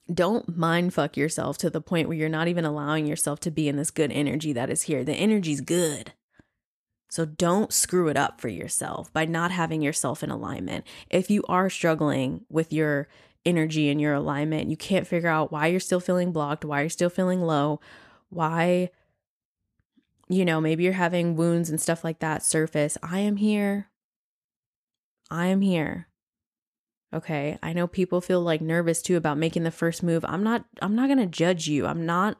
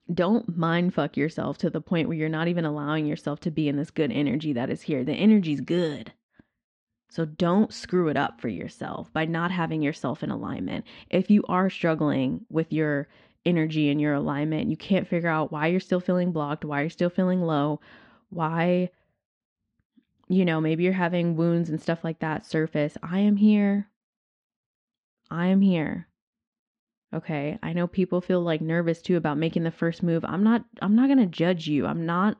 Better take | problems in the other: first | muffled; slightly; fading above 4.5 kHz

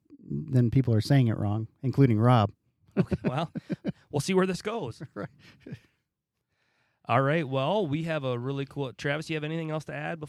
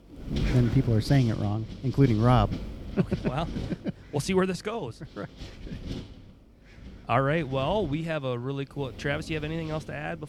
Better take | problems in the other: first | wind noise on the microphone; occasional gusts; 15 dB below the speech

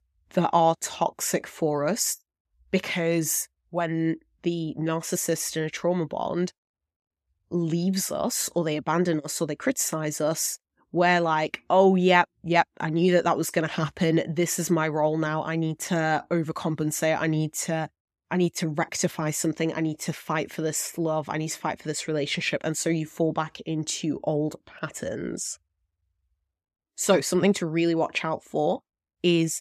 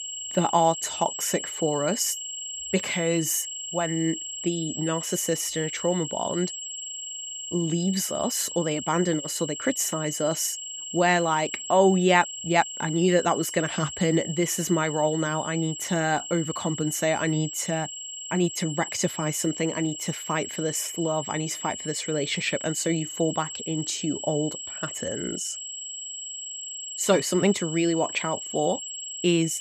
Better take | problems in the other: first | high-pitched whine; loud; throughout; 7.5 kHz, 7 dB below the speech

